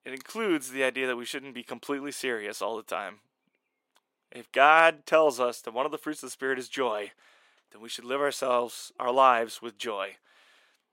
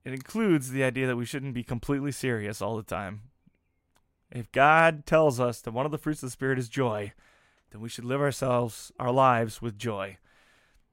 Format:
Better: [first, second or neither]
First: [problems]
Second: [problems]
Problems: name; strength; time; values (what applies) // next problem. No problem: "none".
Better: second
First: thin; somewhat; fading below 350 Hz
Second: none